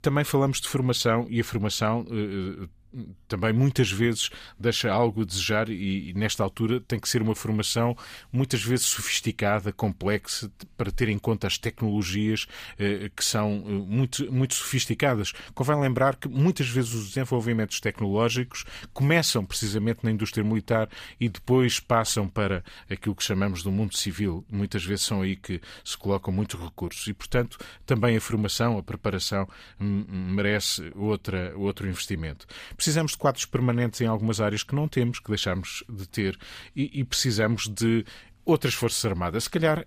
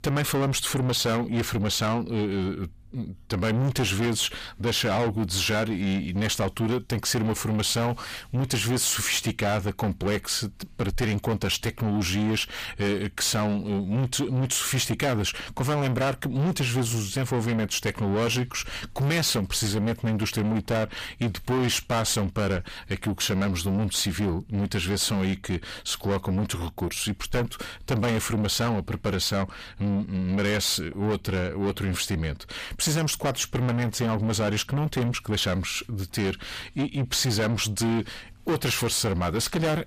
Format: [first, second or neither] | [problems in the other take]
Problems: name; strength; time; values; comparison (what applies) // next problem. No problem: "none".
first | distortion; heavy; 7 dB below the speech